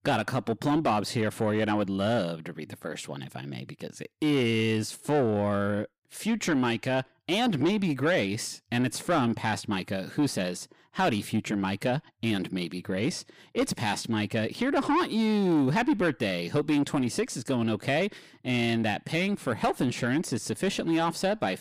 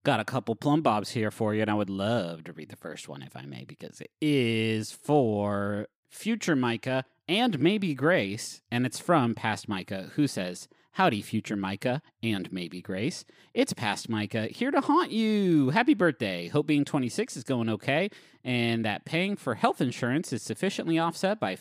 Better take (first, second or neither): second